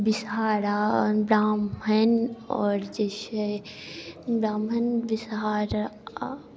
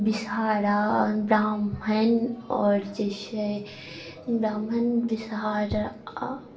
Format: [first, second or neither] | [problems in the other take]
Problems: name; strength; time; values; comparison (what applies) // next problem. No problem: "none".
first | room echo; dies away in 0.3 s